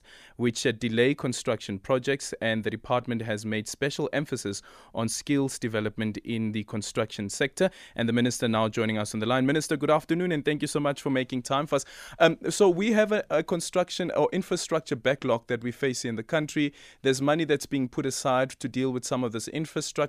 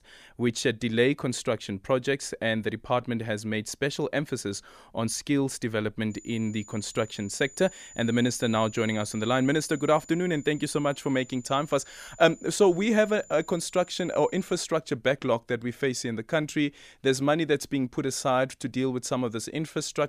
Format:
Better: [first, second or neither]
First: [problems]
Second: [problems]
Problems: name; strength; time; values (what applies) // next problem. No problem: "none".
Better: first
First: none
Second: high-pitched whine; faint; from 6 to 15 s; 7 kHz, 20 dB below the speech